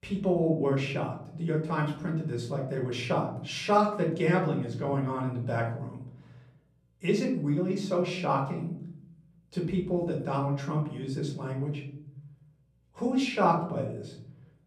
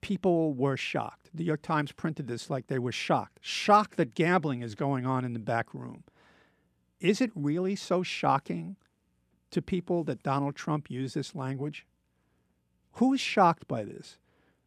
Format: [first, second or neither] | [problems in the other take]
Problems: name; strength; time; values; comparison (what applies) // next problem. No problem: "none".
second | off-mic speech; far // room echo; slight; dies away in 0.9 s